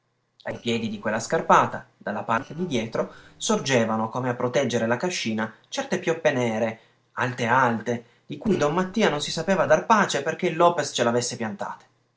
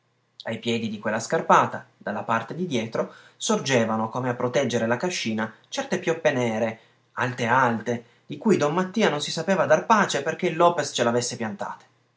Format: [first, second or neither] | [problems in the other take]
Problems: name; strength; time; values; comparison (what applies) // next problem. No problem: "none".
second | noise reduction (neural separator model SepFormer DNS4)